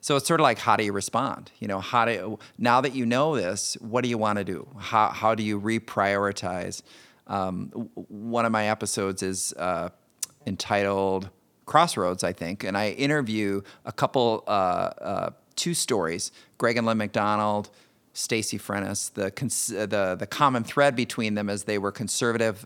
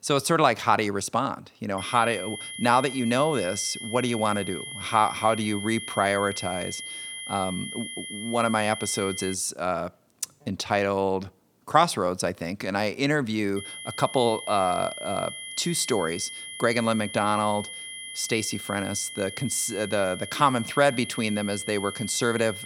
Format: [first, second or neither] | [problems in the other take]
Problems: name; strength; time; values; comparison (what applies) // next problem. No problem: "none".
first | high-pitched whine; loud; from 2 to 9.5 s and from 14 s on; 3 kHz, 9 dB below the speech